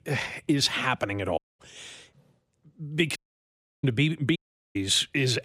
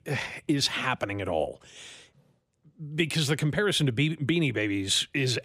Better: second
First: audio cutting out; at 1.5 s, at 3 s for 0.5 s and at 4.5 s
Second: none

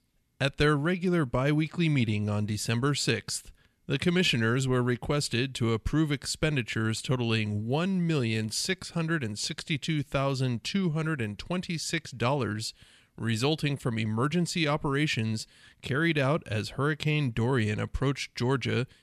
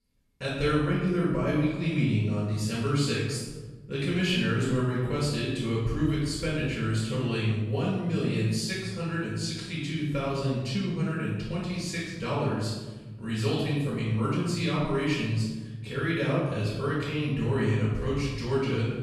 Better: first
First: none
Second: off-mic speech; far // room echo; strong; dies away in 1.2 s

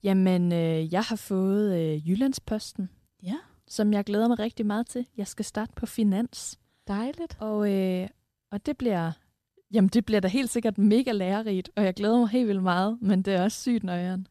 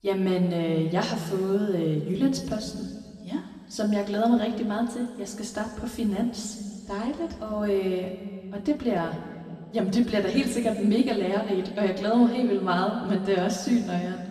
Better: first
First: none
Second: room echo; noticeable; dies away in 2 s // off-mic speech; far

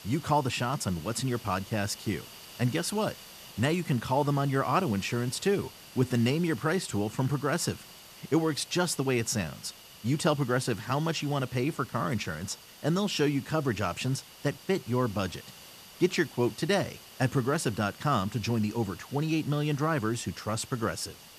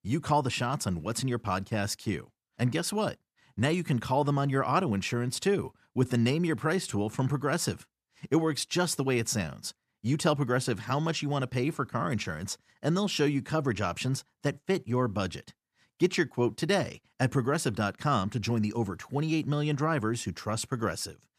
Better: second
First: hiss; noticeable; throughout; 20 dB below the speech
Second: none

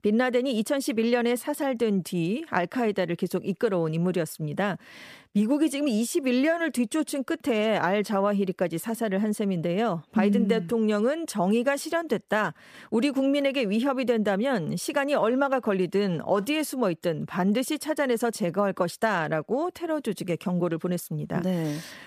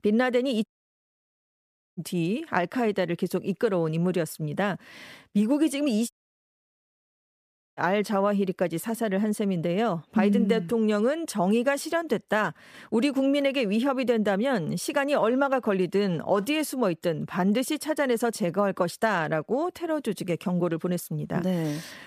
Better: first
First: none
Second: audio cutting out; at 0.5 s for 1.5 s and at 6 s for 1.5 s

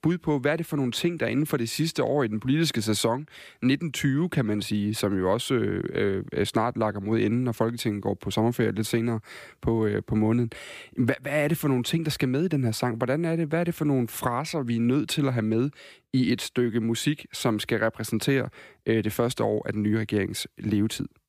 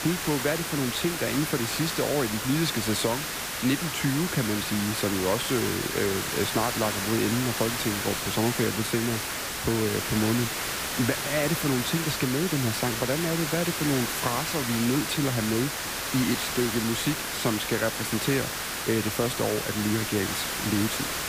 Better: first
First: none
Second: hiss; loud; throughout; 1 dB below the speech

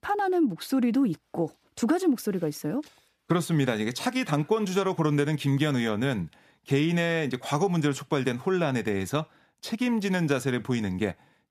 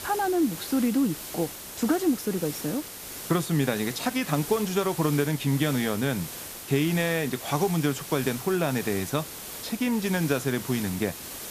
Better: first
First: none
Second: hiss; loud; throughout; 9 dB below the speech

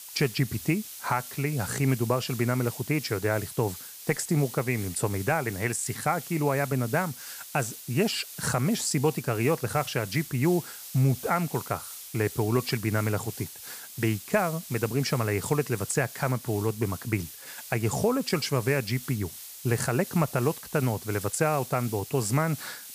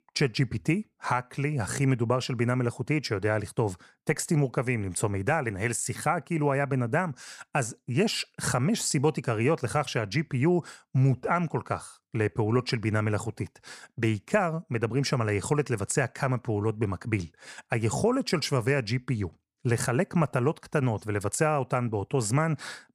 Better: second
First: hiss; noticeable; throughout; 10 dB below the speech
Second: none

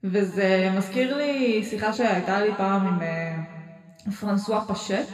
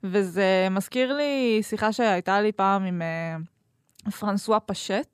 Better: second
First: room echo; noticeable; dies away in 1.9 s // off-mic speech; somewhat distant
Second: none

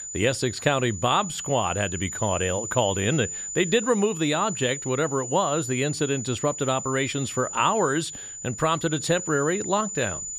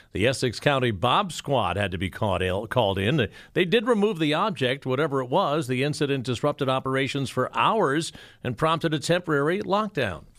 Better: second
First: high-pitched whine; loud; throughout; 7 kHz, 7 dB below the speech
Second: none

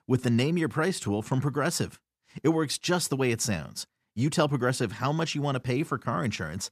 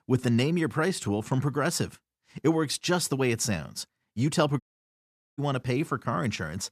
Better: first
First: none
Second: audio cutting out; at 4.5 s for 1 s

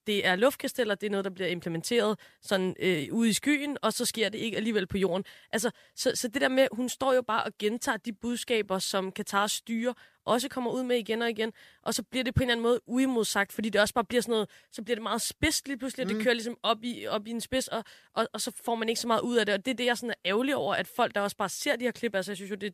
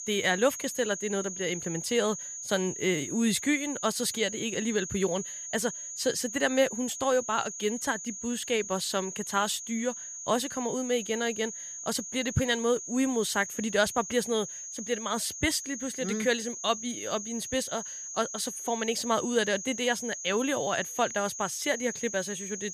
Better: first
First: none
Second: high-pitched whine; loud; throughout; 6.5 kHz, 7 dB below the speech

